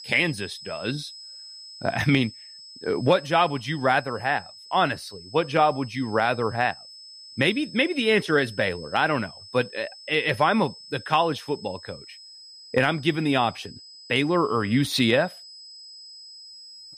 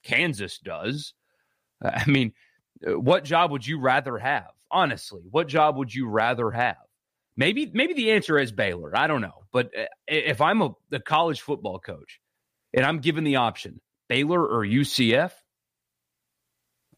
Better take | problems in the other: second | high-pitched whine; noticeable; throughout; 5 kHz, 20 dB below the speech

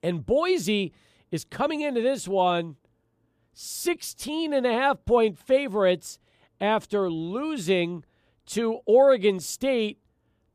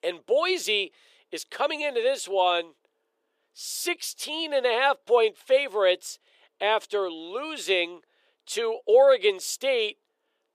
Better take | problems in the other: first | thin; very; fading below 400 Hz

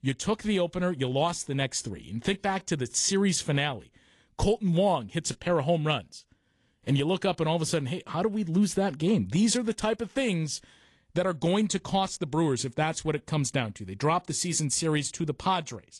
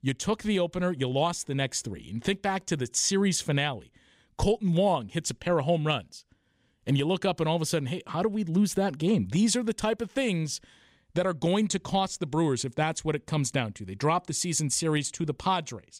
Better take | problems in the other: second | garbled, watery; slightly

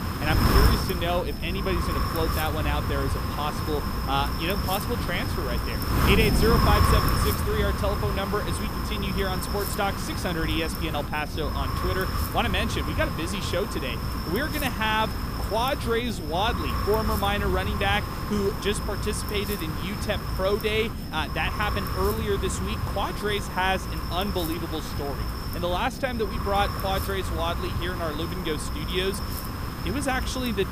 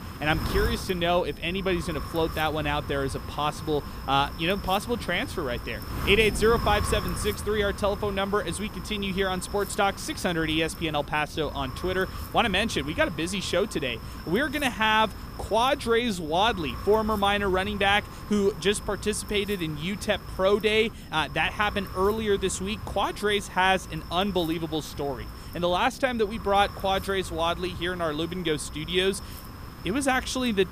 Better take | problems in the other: second | wind noise on the microphone; heavy; 3 dB below the speech; occasional gusts in the second

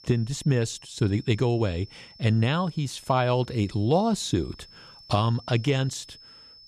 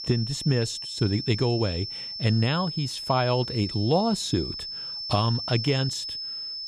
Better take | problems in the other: first | high-pitched whine; loud; throughout; 5.5 kHz, 6 dB below the speech; faint in the first

